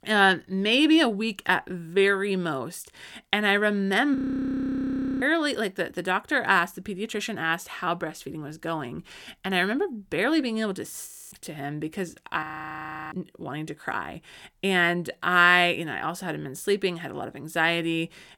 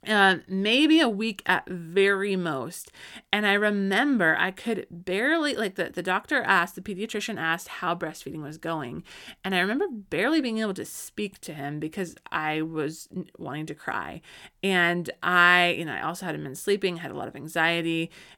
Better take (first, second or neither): second